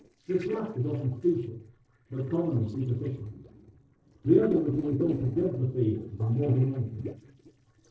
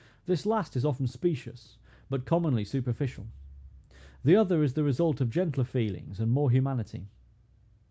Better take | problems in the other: second | noise reduction (neural separator model SepFormer DNS4)

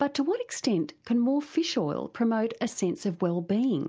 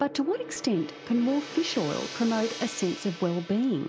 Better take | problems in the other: first | background sound (Gong); 12 dB below the speech

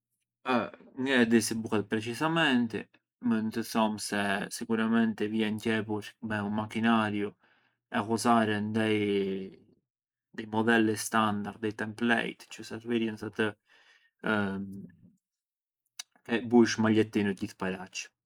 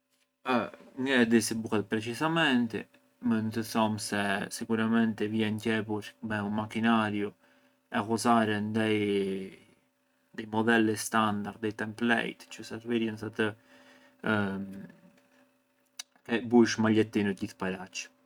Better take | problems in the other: second | noise reduction (neural mask model Resemble Enhance denoiser)

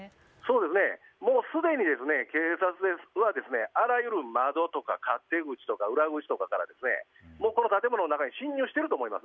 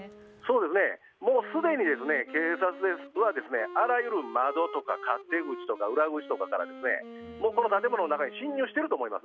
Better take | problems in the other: first | background sound (Wind instrument, woodwind instrument); 16 dB below the speech

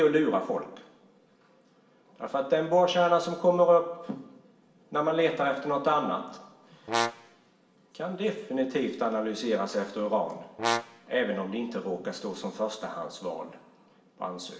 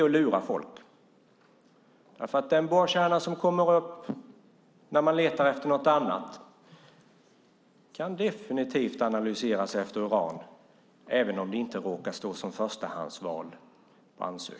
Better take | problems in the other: second | background sound (Brass instrument); 5 dB below the speech // room echo; dies away in 1 s

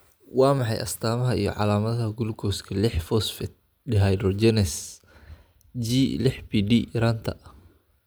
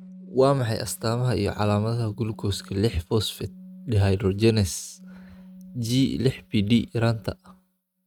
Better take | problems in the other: first | noise reduction (neural mask model RNNoise)

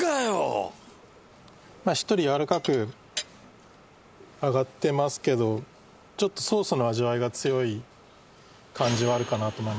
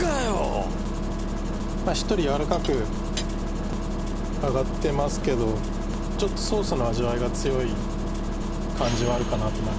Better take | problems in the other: first | background sound (Engine starting); 1 dB above the speech

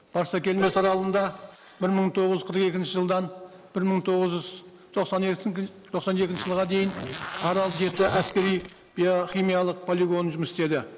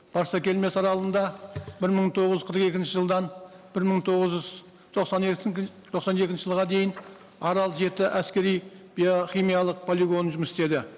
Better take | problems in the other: second | noise reduction (neural mask model Resemble Enhance denoiser)

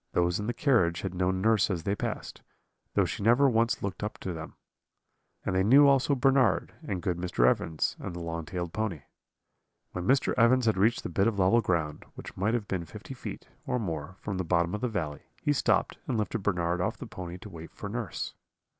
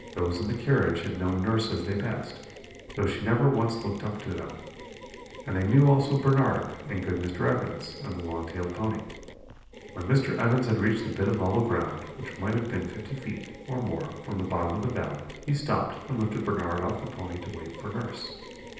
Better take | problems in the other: first | background sound (Mechanisms); 16 dB below the speech // room echo; dies away in 0.9 s

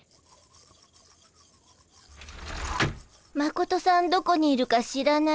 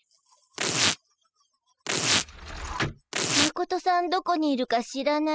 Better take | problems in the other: first | noise reduction (classical method spectral subtraction)

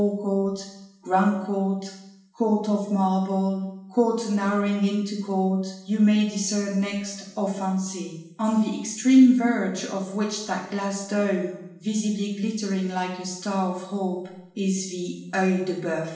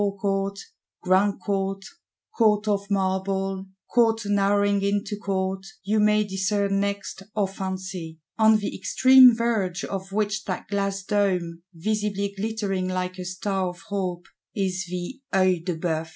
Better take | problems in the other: second | room echo; dies away in 0.9 s

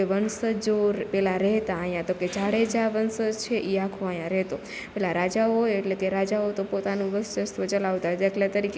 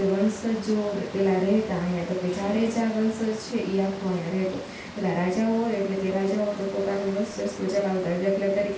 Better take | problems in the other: first | background sound (Water); 16 dB below the speech // room echo; dies away in 0.3 s

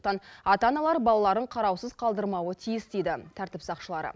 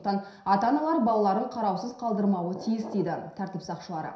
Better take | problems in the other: first | background sound (Glass); 16 dB below the speech // room echo; dies away in 0.7 s

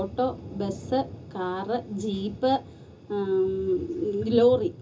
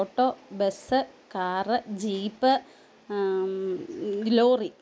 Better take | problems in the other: second | background sound (Thunder); 14 dB below the speech // room echo; dies away in 0.2 s

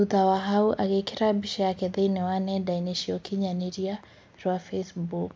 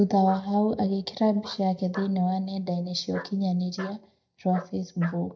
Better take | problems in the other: first | noise reduction (neural mask model DeepFilterNet 3)

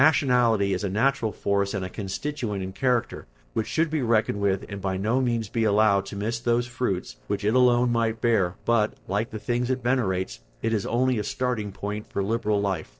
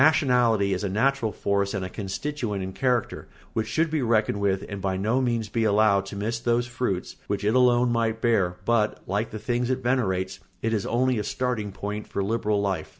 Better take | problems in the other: second | noise reduction (neural separator model SepFormer DNS4)

